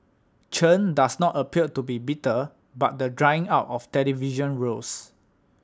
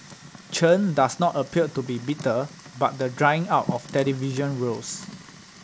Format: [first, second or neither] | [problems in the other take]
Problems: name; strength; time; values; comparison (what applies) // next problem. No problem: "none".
first | background sound (Fire); 15 dB below the speech